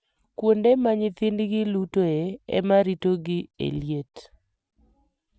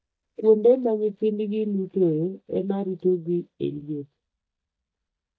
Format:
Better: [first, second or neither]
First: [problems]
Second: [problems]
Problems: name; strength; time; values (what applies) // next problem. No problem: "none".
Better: first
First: none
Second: noise reduction (neural mask model DeepFilterNet 3)